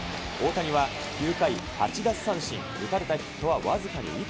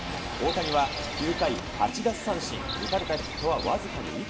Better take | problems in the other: first | background sound (Chirp, tweet); 8 dB below the speech // room echo; dies away in 1.3 s

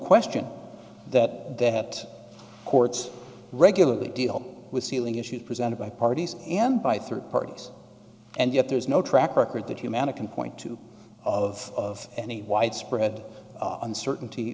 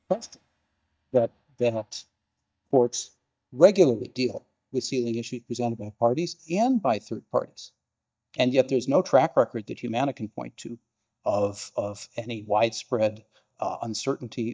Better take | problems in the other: first | noise reduction (neural mask model DeepFilterNet 3)

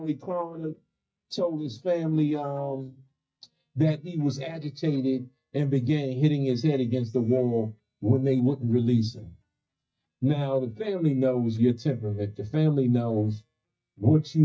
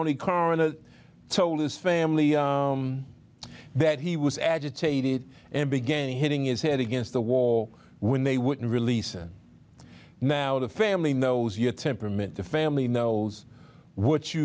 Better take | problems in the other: second | noise reduction (neural mask model DeepFilterNet 3)

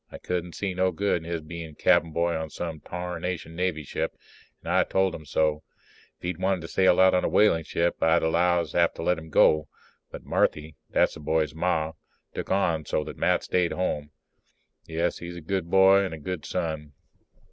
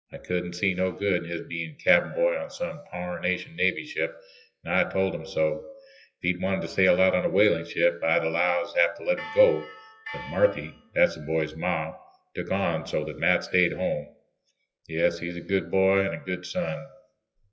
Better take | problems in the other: first | noise reduction (classical method WPE with log-MMSE)

